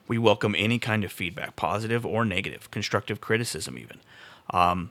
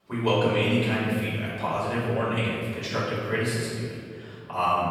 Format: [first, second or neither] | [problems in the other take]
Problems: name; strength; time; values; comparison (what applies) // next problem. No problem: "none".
first | off-mic speech; far // room echo; strong; dies away in 2 s